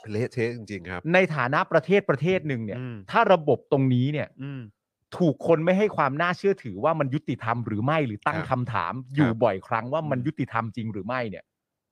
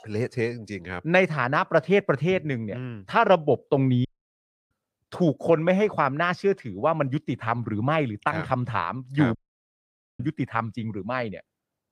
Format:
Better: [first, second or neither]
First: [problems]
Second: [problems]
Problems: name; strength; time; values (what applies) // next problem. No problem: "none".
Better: first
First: none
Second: audio cutting out; at 4 s for 0.5 s and at 9.5 s for 1 s